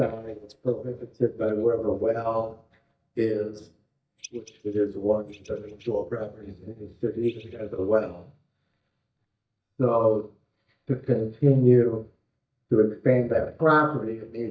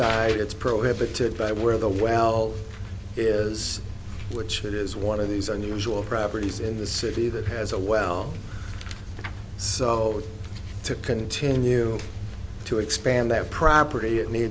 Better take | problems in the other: second | noise reduction (neural mask model DeepFilterNet 3)

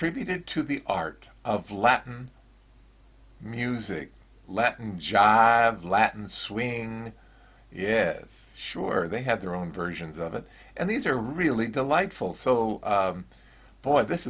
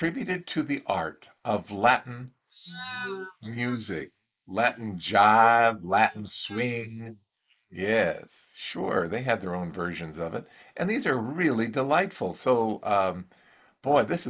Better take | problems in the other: first | noise reduction (neural mask model Resemble Enhance denoiser)

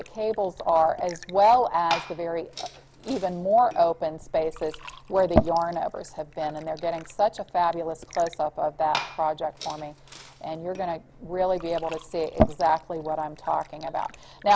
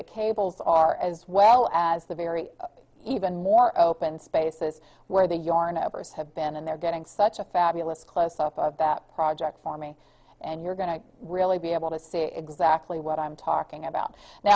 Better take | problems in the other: second | background sound (Liquid); 9 dB below the speech

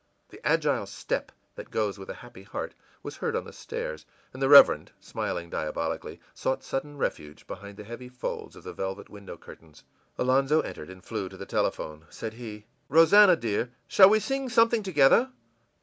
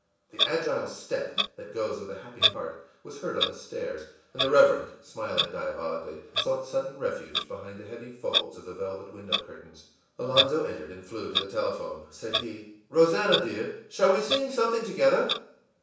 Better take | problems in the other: first | background sound (Clock); 5 dB below the speech // room echo; dies away in 0.7 s

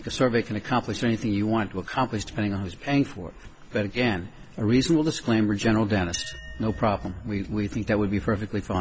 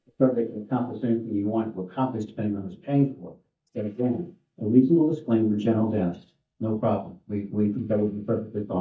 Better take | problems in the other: first | noise reduction (neural mask model DeepFilterNet 3)

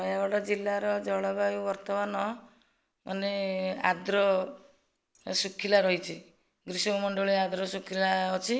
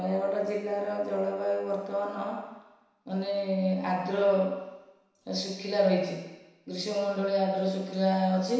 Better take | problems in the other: first | room echo; dies away in 1 s

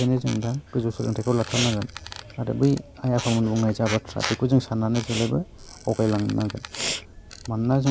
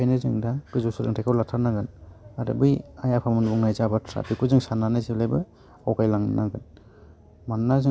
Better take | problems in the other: second | background sound (Squeak + Respiratory sounds); 11 dB below the speech

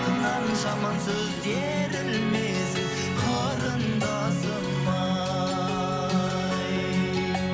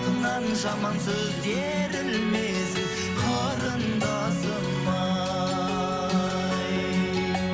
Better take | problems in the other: second | background sound (Guitar); 8 dB below the speech

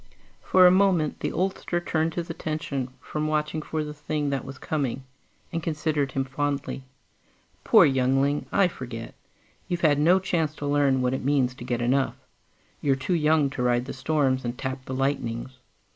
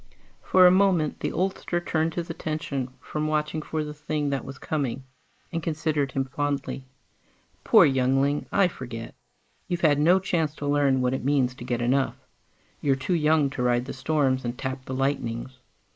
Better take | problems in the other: first | noise reduction (neural mask model Resemble Enhance denoiser)

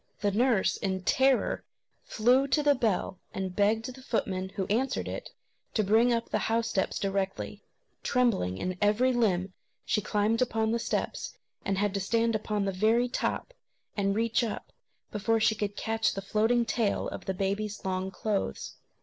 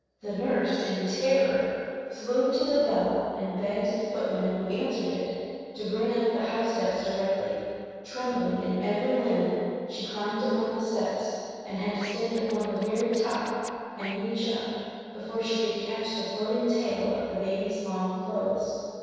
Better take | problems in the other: first | noise reduction (neural separator model SepFormer DNS4)

